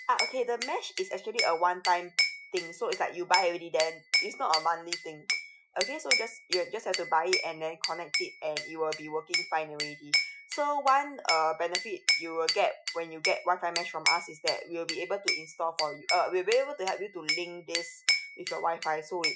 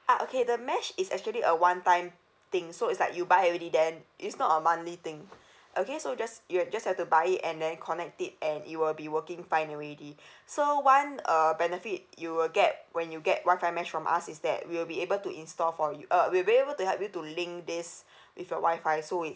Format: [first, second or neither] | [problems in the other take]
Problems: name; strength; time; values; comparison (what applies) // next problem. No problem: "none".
second | noise reduction (classical method Wiener filter)